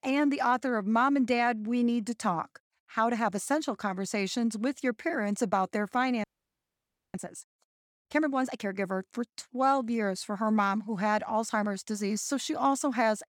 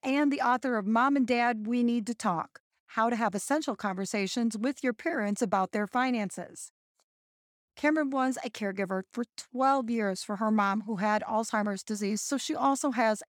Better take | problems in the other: second | audio freezing; at 6 s for 1 s

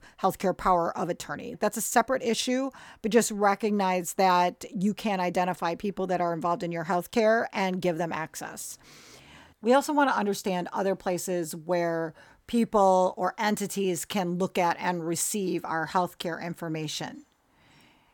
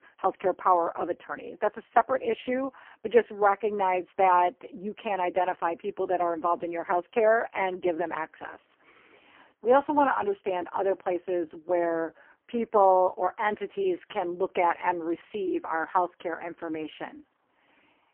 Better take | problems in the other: first | phone-call audio; poor line; nothing above 3 kHz

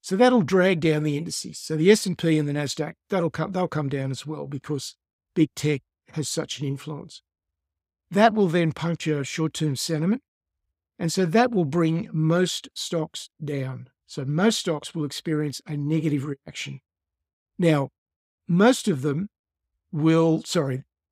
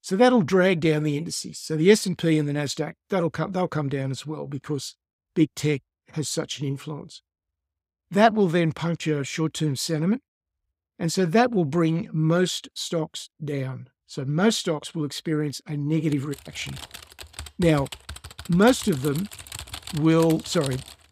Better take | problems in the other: first | keyboard typing; faint; from 16 s on; peak 10 dB below the speech

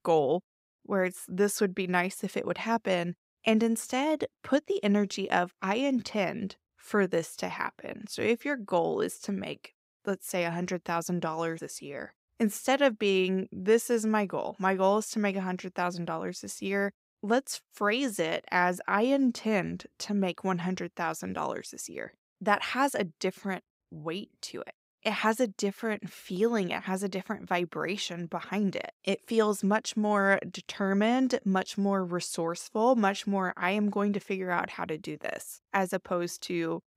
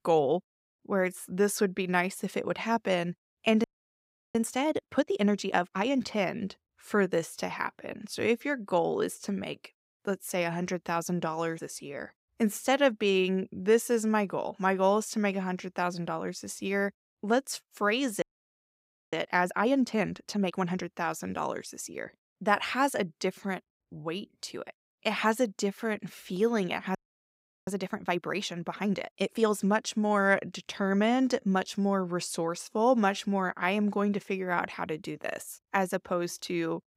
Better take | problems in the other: first | audio freezing; at 3.5 s for 0.5 s, at 18 s for 1 s and at 27 s for 0.5 s

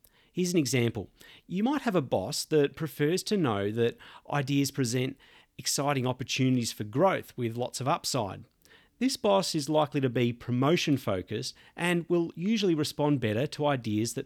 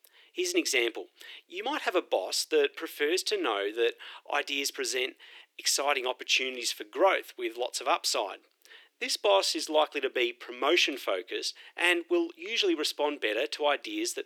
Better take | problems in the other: first | thin; very; fading below 350 Hz

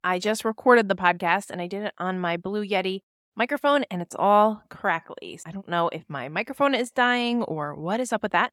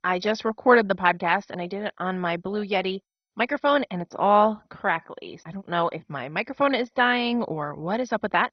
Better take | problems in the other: first | garbled, watery; badly; nothing above 6 kHz

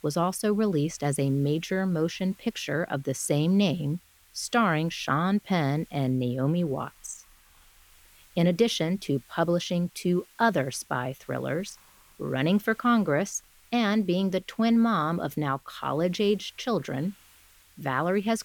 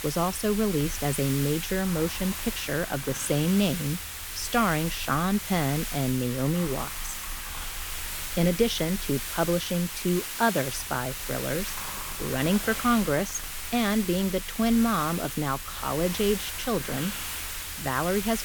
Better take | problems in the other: first | hiss; loud; throughout; 5 dB below the speech; faint in the first

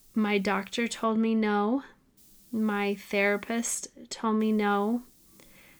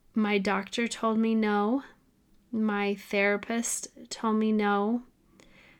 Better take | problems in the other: second | hiss; faint; until 1 s, from 2 to 3.5 s and from 4.5 s on; 30 dB below the speech

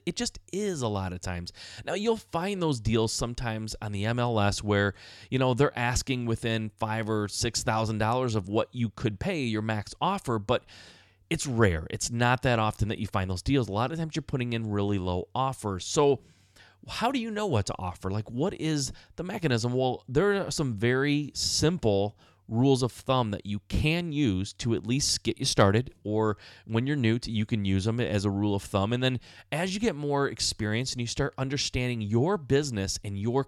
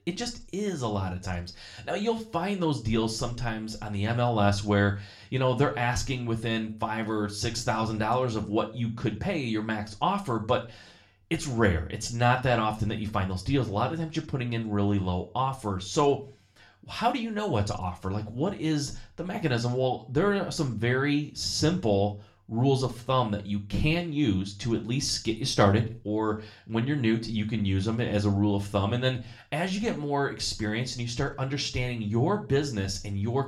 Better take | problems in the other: first | room echo; very slight; dies away in 0.3 s // off-mic speech; somewhat distant

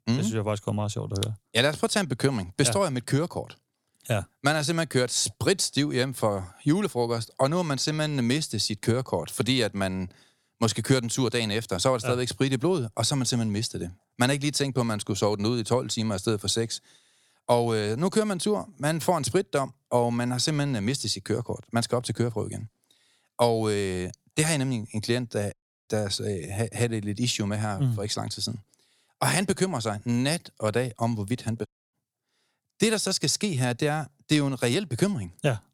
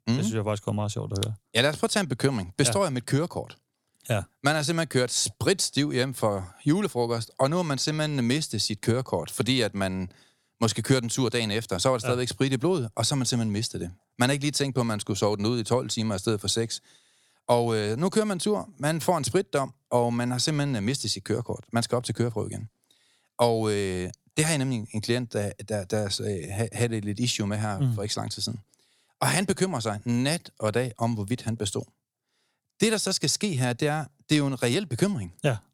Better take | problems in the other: second | audio cutting out; at 26 s and at 32 s

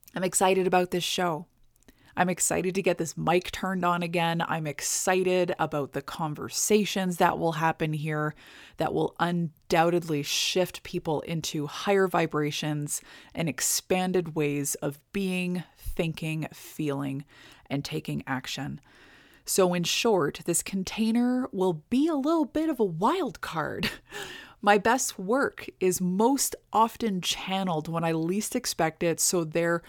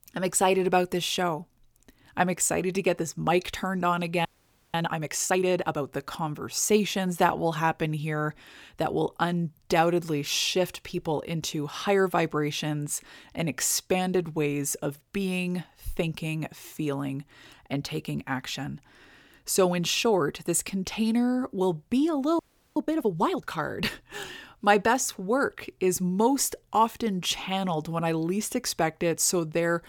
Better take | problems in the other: first | audio freezing; at 4.5 s and at 22 s

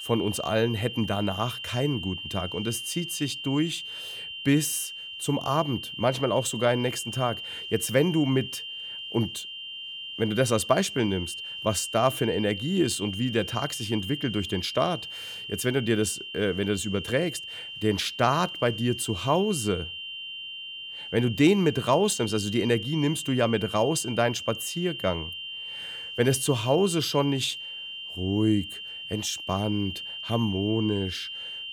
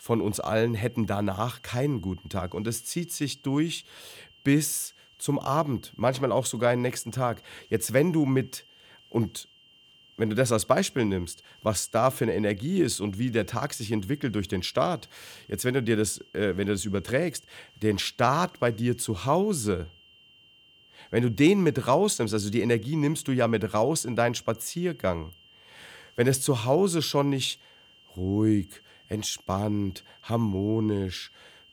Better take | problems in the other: second | high-pitched whine; loud; throughout; 3 kHz, 8 dB below the speech; faint in the second

